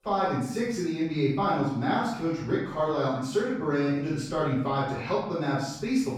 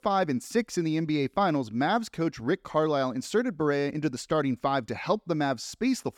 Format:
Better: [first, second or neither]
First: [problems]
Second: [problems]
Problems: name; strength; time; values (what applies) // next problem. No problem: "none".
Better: second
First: off-mic speech; far // room echo; strong; dies away in 0.7 s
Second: none